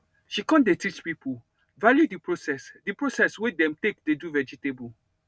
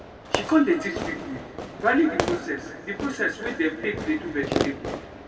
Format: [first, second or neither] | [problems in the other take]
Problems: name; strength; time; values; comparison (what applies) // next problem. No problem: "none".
first | background sound (Fireworks); 6 dB below the speech // room echo; dies away in 2.1 s